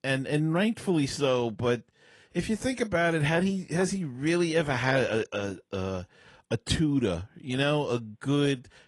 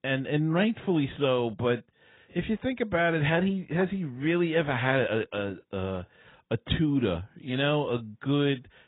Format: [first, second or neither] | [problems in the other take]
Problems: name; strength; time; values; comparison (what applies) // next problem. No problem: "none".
first | garbled, watery; badly; nothing above 3.5 kHz; slightly in the first